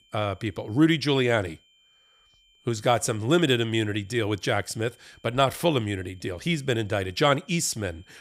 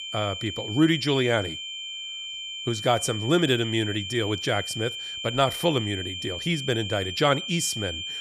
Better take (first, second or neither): first